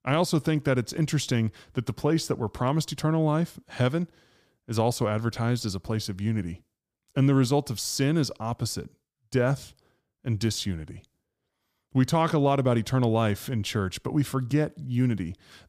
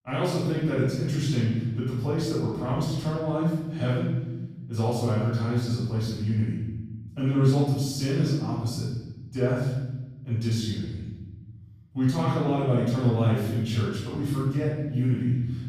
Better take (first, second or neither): first